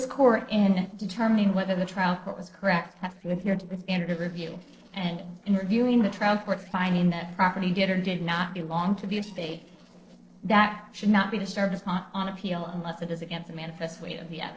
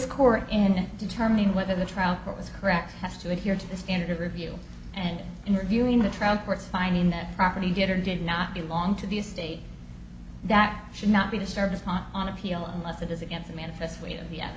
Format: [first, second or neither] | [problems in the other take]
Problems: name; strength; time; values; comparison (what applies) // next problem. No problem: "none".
second | noise reduction (neural separator model SepFormer DNS4)